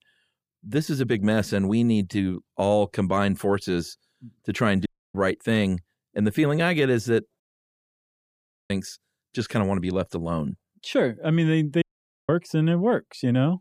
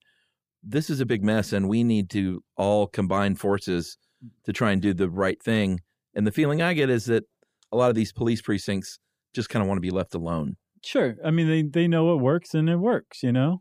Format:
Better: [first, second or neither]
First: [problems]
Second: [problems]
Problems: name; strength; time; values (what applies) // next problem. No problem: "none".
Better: second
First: audio cutting out; at 5 s, at 7.5 s for 1.5 s and at 12 s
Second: none